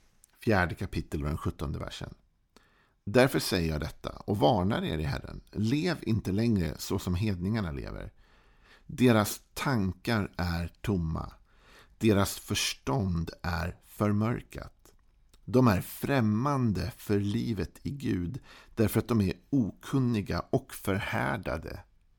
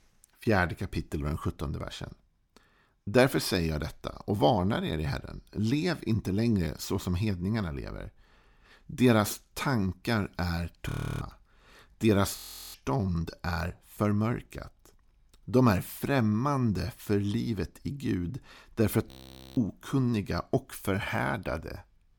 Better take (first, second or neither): first